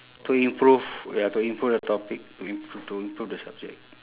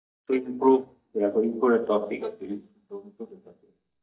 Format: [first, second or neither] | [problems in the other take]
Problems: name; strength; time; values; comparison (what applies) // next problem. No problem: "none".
first | noise reduction (neural mask model DeepFilterNet 3)